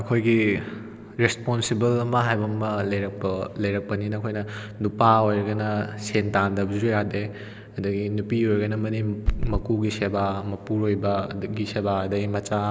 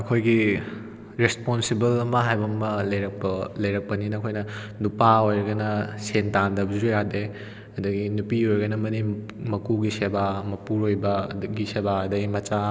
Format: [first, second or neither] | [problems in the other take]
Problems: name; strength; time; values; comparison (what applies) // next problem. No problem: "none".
second | background sound (Run); 1 dB above the speech